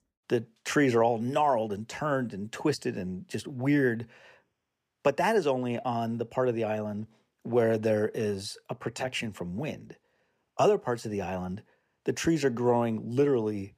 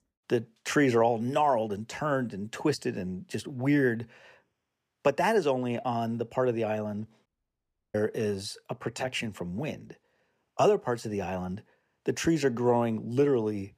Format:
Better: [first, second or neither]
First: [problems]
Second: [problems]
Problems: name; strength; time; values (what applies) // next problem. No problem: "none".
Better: first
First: none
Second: audio cutting out; at 7.5 s for 0.5 s